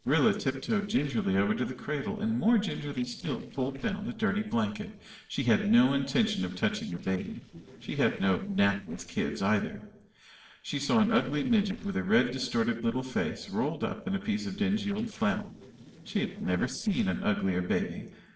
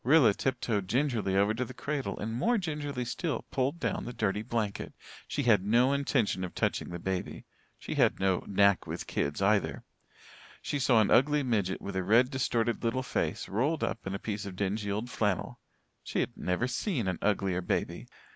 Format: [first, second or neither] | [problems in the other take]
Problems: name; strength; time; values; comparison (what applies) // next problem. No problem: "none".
second | noise reduction (neural separator model SepFormer DNS4)